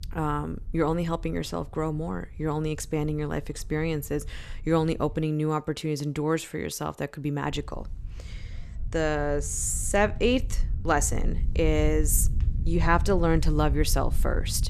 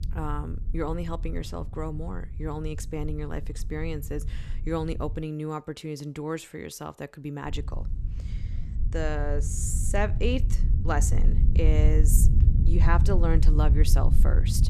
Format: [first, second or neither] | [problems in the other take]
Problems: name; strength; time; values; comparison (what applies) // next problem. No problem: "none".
first | low rumble; loud; until 5 s and from 7.5 s on; 10 dB below the speech; faint in the first